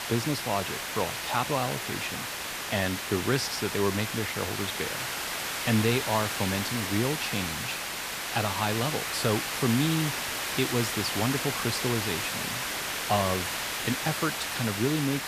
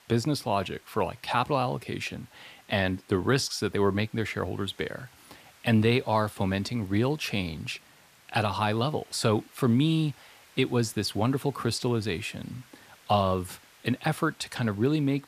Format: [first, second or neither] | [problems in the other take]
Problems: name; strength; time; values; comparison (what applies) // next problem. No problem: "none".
second | hiss; loud; throughout; 1 dB below the speech; faint in the second